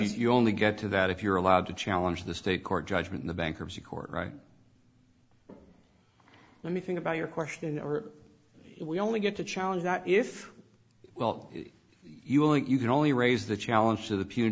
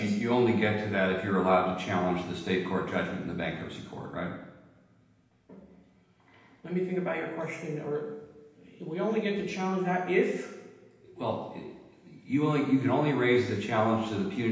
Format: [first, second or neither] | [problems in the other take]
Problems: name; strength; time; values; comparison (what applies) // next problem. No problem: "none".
first | room echo; dies away in 0.9 s